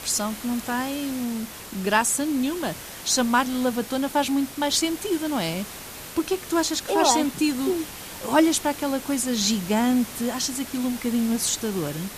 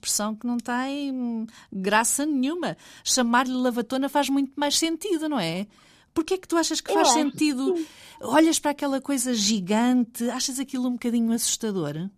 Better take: second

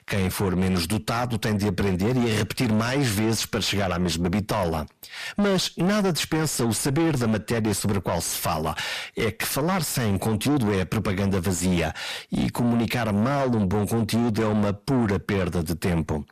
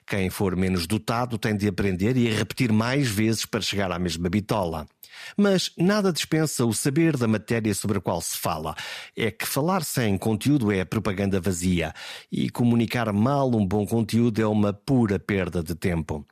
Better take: second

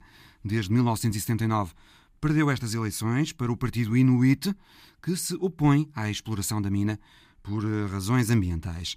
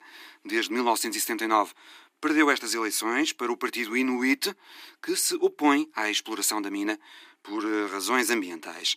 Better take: first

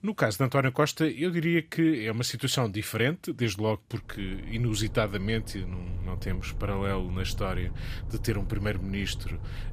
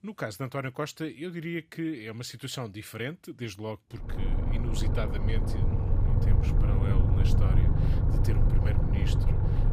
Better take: first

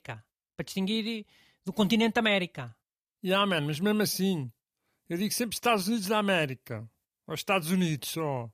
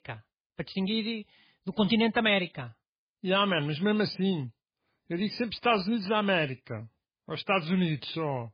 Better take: first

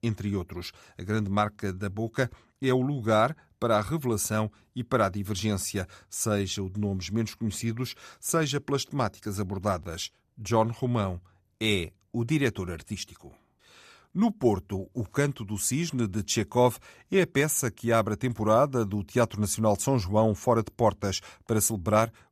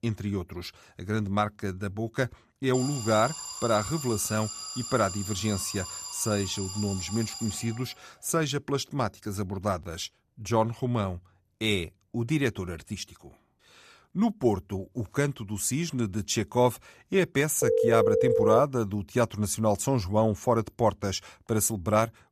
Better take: first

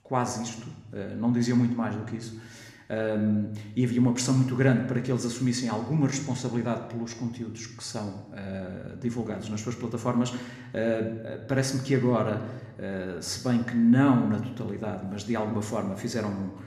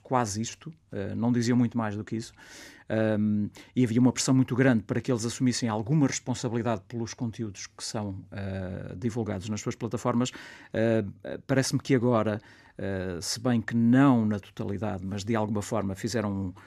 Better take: second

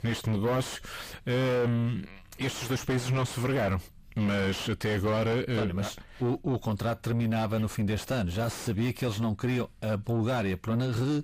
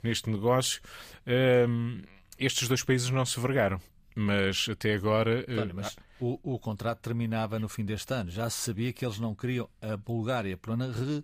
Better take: second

